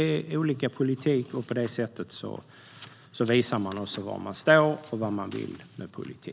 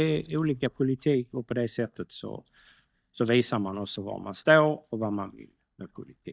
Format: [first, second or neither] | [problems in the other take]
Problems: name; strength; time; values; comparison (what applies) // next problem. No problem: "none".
first | noise reduction (neural mask model DeepFilterNet 3)